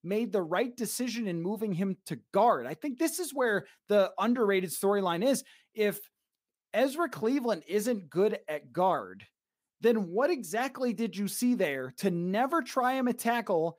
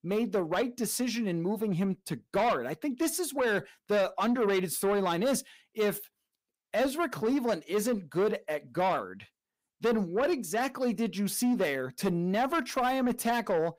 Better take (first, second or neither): first